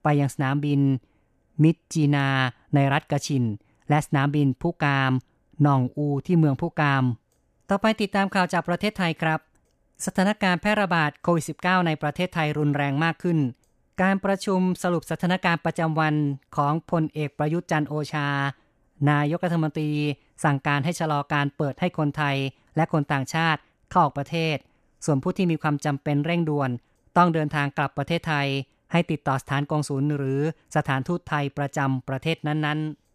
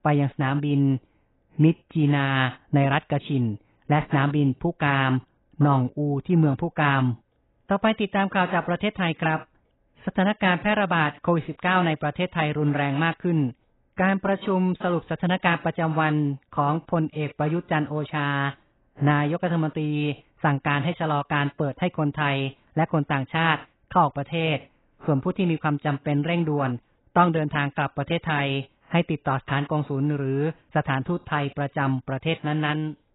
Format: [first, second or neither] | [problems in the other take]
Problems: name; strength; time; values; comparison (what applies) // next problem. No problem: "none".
first | garbled, watery; badly; nothing above 3 kHz